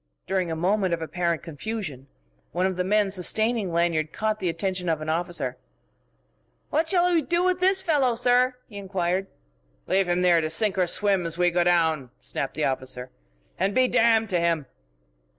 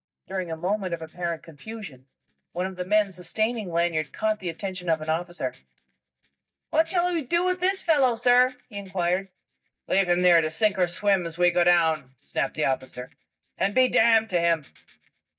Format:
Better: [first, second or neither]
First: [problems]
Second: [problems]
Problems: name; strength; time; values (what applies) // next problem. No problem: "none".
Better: first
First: none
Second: noise reduction (neural mask model DeepFilterNet 3)